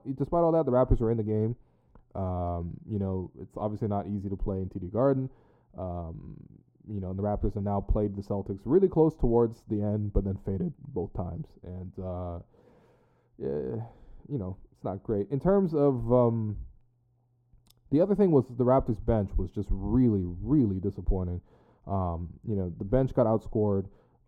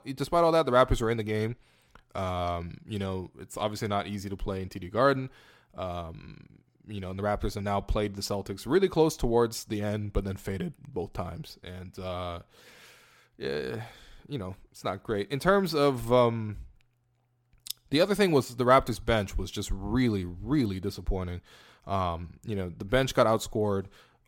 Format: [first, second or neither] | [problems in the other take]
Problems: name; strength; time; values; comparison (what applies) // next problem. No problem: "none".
second | muffled; very; fading above 1 kHz